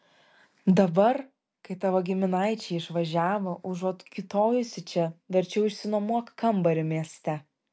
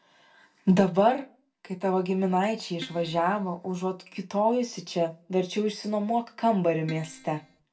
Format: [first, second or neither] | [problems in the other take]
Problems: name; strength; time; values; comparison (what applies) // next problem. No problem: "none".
first | background sound (Keyboard (musical)); 19 dB below the speech // room echo; dies away in 0.2 s